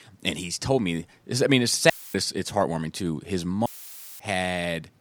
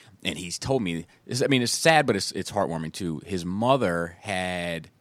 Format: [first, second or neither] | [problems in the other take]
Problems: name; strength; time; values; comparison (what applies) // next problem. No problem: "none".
second | audio cutting out; filled with static; at 2 s and at 3.5 s for 0.5 s